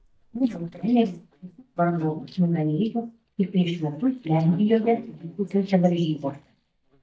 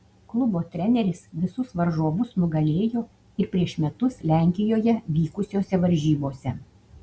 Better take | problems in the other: second | noise reduction (neural mask model DeepFilterNet 3)

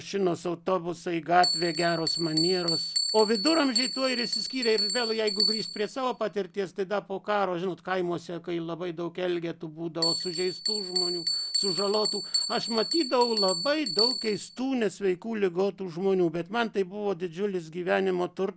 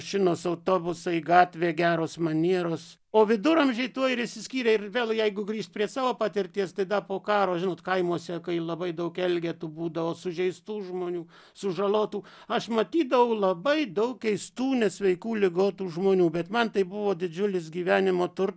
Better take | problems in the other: second | background sound (Bell); 5 dB below the speech

